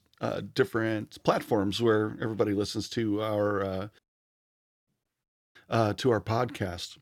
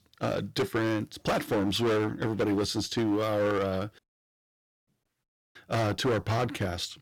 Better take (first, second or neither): first